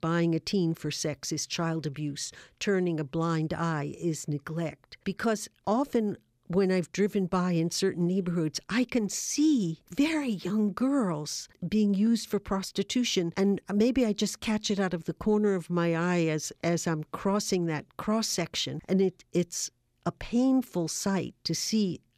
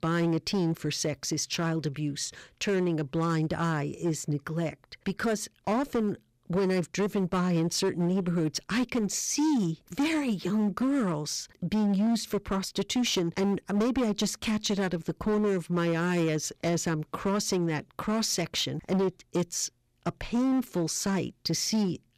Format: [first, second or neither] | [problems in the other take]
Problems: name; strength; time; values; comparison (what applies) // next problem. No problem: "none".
first | distortion; slight; 13% of the sound clipped